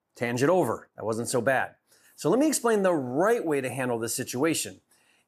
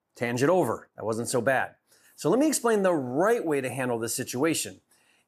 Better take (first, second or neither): neither